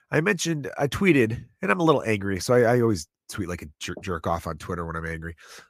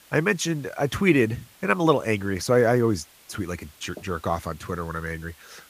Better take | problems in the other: first | hiss; faint; throughout; 25 dB below the speech

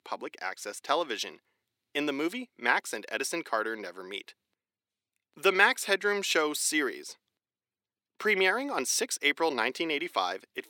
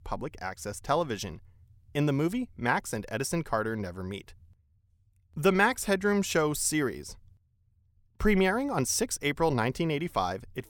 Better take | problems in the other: second | thin; somewhat; fading below 300 Hz

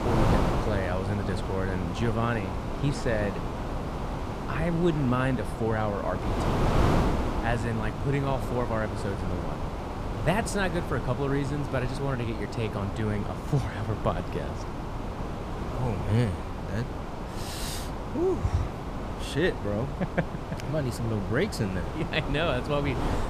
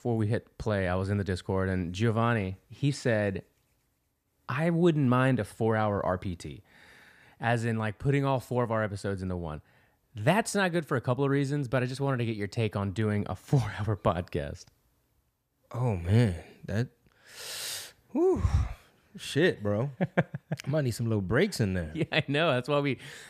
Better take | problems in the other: second | wind noise on the microphone; heavy; 3 dB below the speech

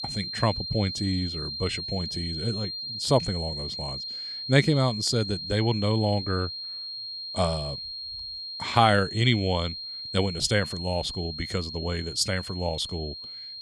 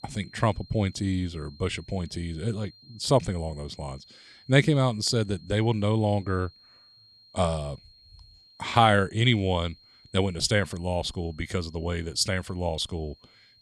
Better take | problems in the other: second | high-pitched whine; loud; throughout; 4 kHz, 6 dB below the speech; faint in the second

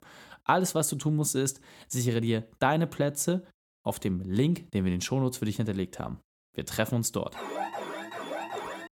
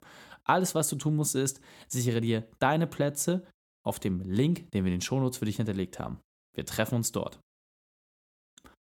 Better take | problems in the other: second | alarm; noticeable; from 7.5 s on; peak 5 dB below the speech

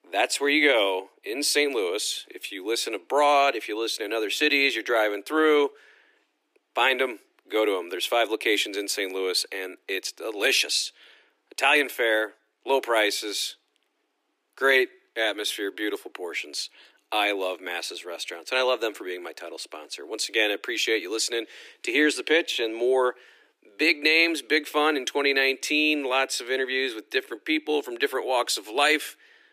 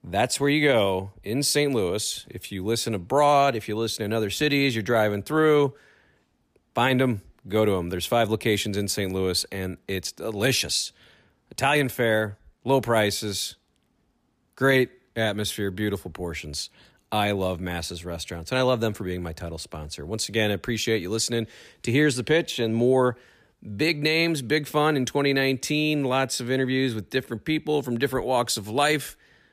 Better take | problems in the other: second | thin; somewhat; fading below 300 Hz

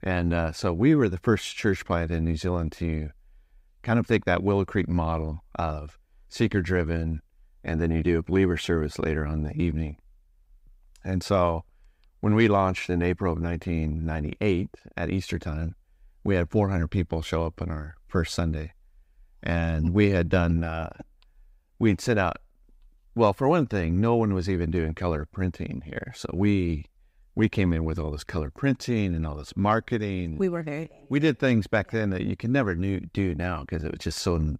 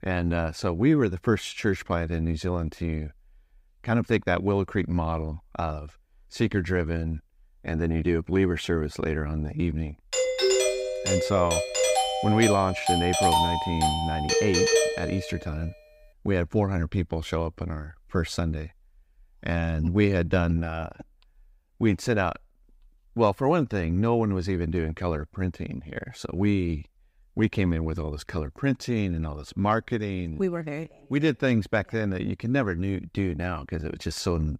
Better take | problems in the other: first | doorbell; loud; from 10 to 15 s; peak 6 dB above the speech

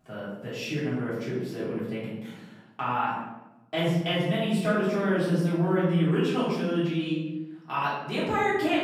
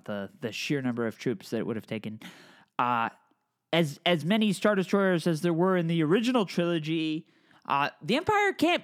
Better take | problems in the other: second | off-mic speech; far // room echo; noticeable; dies away in 0.9 s

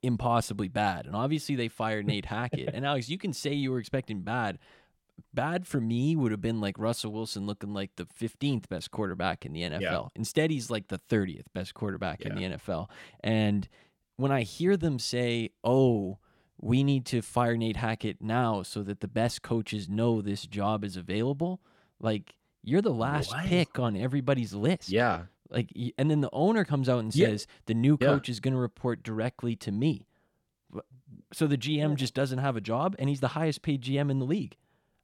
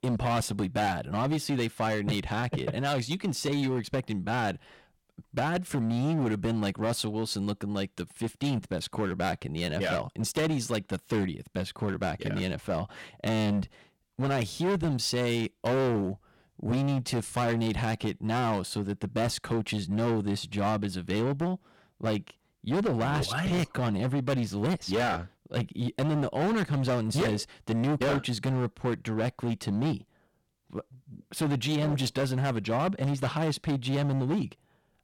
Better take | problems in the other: first | distortion; heavy; 16% of the sound clipped

